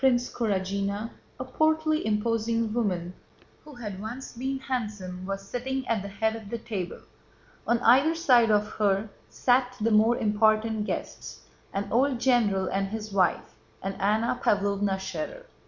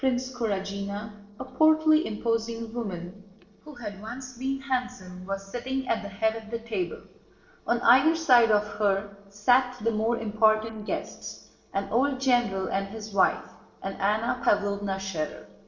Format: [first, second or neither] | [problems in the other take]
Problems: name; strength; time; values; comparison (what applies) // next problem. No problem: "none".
first | noise reduction (neural separator model SepFormer DNS4)